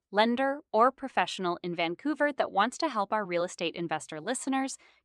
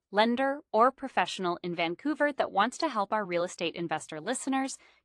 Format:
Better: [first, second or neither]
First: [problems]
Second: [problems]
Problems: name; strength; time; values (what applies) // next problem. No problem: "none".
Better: first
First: none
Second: garbled, watery; slightly